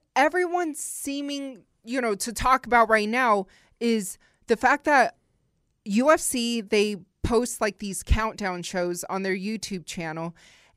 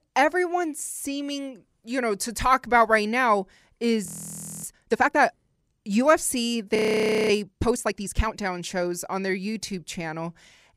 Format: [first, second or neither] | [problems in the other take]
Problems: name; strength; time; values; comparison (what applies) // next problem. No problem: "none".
first | audio freezing; at 4 s for 0.5 s and at 7 s for 0.5 s